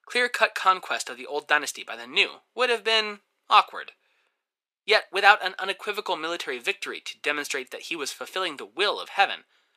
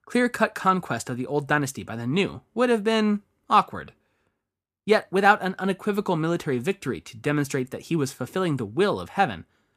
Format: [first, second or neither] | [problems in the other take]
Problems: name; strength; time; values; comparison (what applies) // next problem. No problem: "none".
second | thin; very; fading below 450 Hz